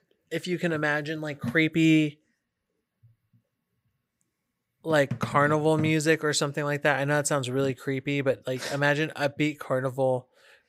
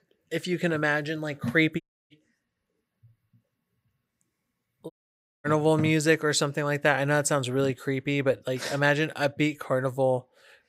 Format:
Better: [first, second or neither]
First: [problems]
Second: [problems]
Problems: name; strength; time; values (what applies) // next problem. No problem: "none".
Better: first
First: none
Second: audio cutting out; at 2 s and at 5 s for 0.5 s